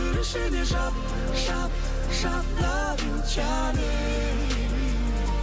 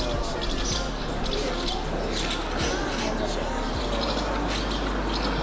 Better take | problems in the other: first | background sound (Bird); 2 dB above the speech

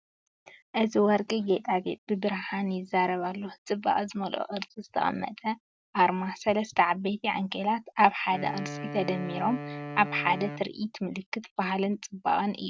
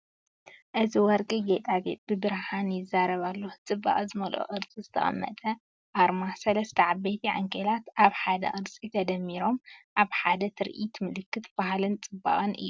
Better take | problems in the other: second | background sound (Wind instrument, woodwind instrument); 10 dB below the speech

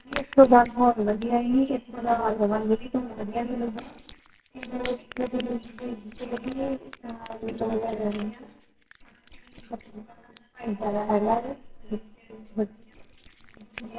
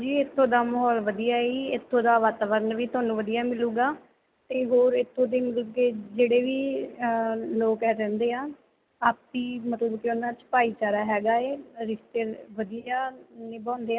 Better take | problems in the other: second | noise reduction (neural separator model SepFormer WHAMR!)

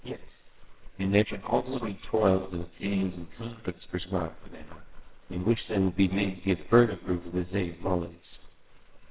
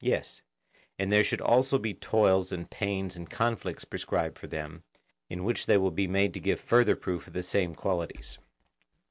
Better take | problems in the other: second | noise reduction (neural separator model SepFormer WHAMR!)

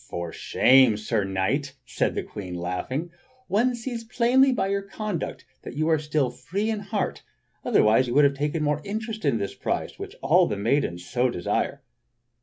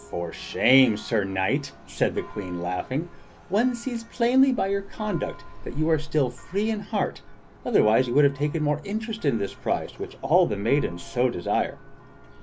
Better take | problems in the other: first | background sound (Church bell); 15 dB below the speech

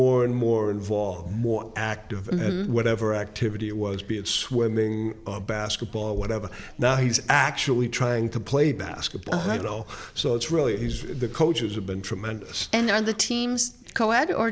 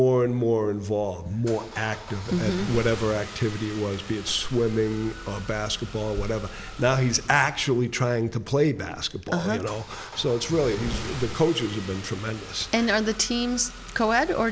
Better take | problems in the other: first | background sound (Engine starting / Car + Clapping); 14 dB below the speech

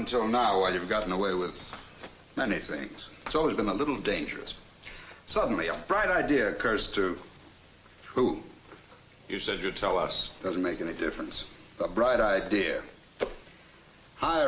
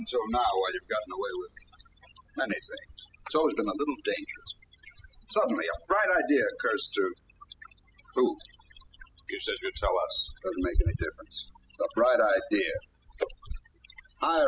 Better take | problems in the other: first | noise reduction (classical method spectral subtraction)

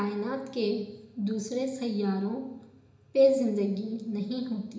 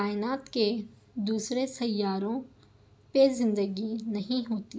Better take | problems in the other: second | room echo; dies away in 0.8 s

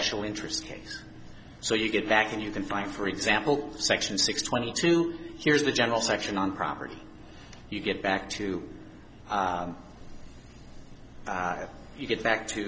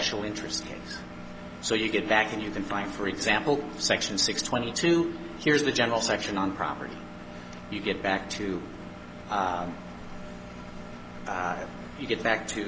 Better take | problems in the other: first | background sound (Engine); 13 dB below the speech

